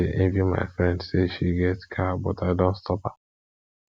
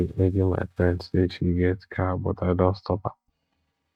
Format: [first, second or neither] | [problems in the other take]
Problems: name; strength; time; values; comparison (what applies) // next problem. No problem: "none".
first | noise reduction (neural mask model DeepFilterNet 3)